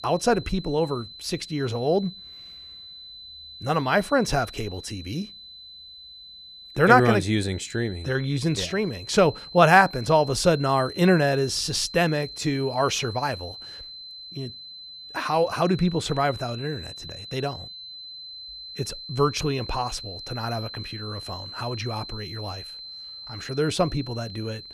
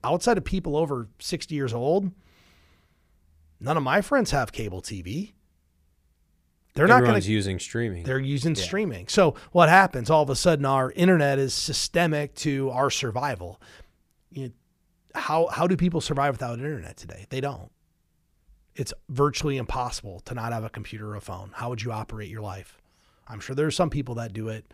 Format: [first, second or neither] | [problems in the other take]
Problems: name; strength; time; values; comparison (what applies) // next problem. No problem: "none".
second | high-pitched whine; noticeable; throughout; 4 kHz, 15 dB below the speech